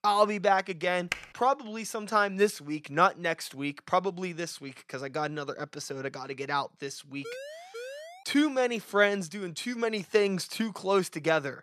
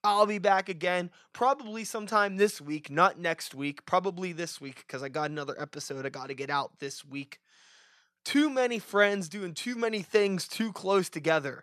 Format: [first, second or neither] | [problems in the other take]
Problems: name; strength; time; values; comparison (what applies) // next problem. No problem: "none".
second | keyboard typing; noticeable; at 1 s; peak 7 dB below the speech // siren; faint; at 7 s; peak 10 dB below the speech